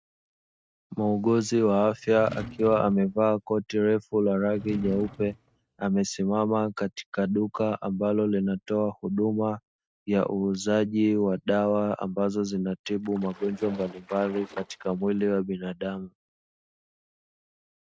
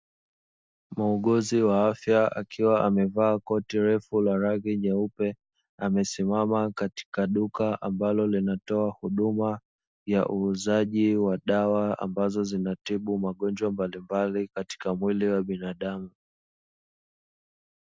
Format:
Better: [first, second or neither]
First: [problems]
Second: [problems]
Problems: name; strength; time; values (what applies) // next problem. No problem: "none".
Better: second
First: noise reduction (neural mask model RNNoise)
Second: none